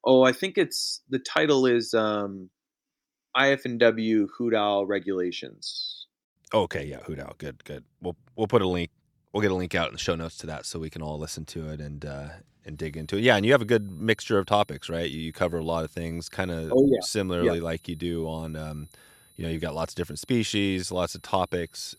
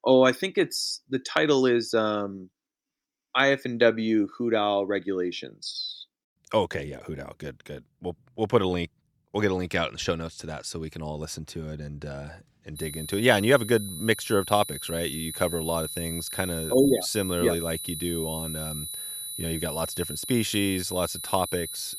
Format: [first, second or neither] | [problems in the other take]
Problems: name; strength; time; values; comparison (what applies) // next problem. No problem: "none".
first | high-pitched whine; loud; from 13 s on; 10 kHz, 7 dB below the speech; faint in the first